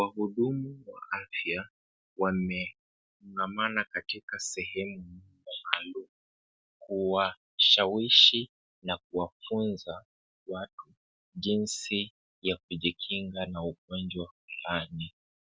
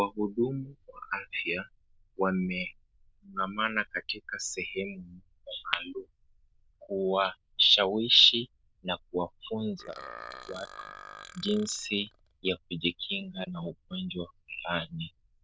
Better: first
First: none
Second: noise reduction (neural diffusion model UNIVERSE++)

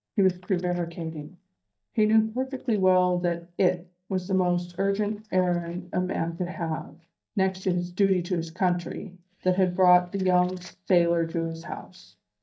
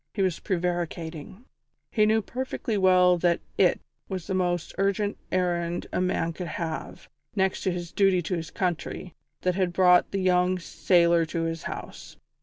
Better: second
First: noise reduction (neural mask model DeepFilterNet 3)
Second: none

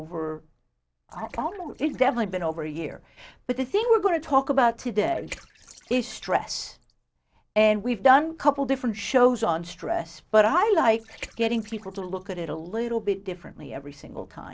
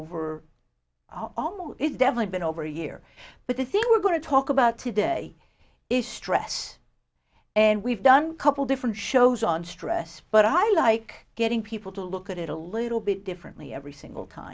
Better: second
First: noise reduction (neural separator model SepFormer DNS4)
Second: none

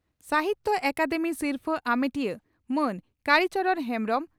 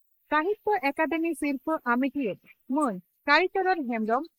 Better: first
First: none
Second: noise reduction (neural mask model Resemble Enhance denoiser)

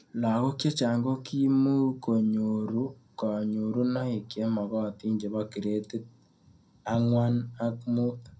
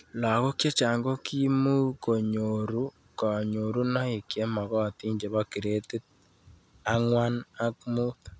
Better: second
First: room echo; dies away in 0.2 s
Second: none

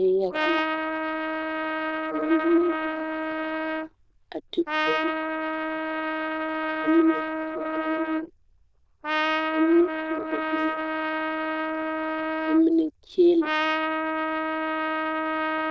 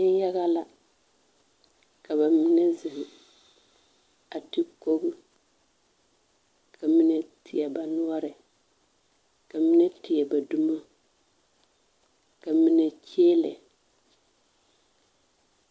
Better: second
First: noise reduction (neural diffusion model UNIVERSE++)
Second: none

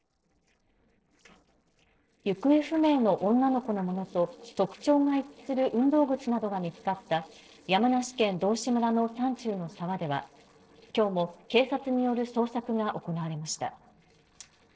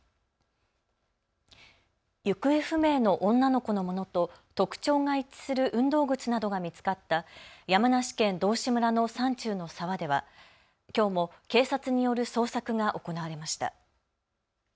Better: second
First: noise reduction (neural separator model SepFormer DNS4)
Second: none

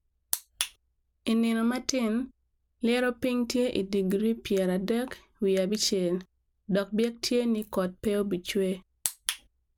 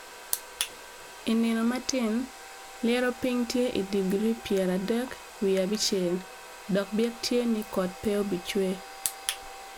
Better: first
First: none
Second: background sound (Domestic sounds, home sounds); 15 dB below the speech

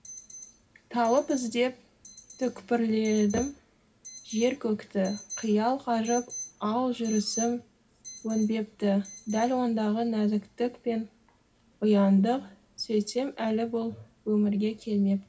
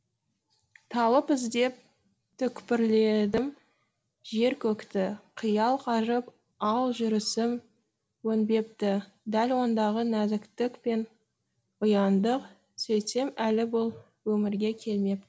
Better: second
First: background sound (Alarm); 19 dB below the speech // room echo; dies away in 0.4 s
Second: none

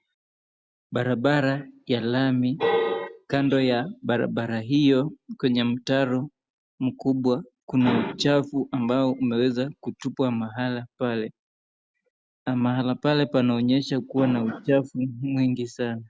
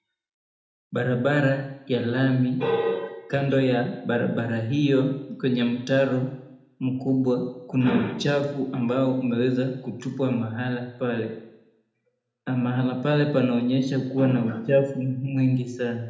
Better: first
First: none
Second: room echo; dies away in 0.8 s

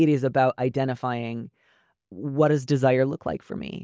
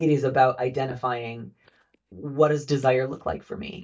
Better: first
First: none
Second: noise reduction (neural mask model DeepFilterNet 3)

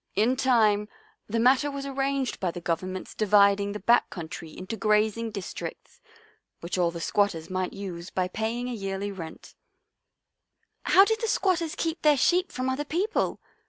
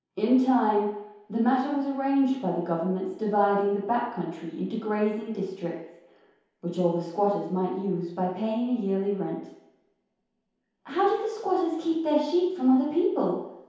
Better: first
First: none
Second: room echo; dies away in 0.8 s

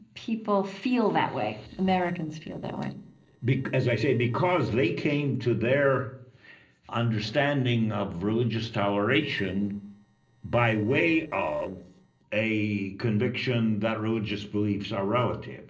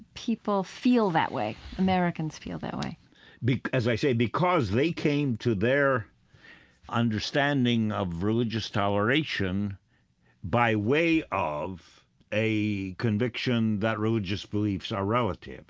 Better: second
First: noise reduction (neural separator model SepFormer DNS4)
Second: none

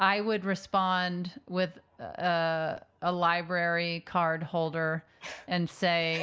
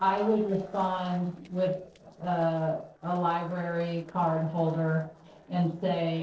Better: first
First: none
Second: noise reduction (neural separator model SepFormer DNS4)

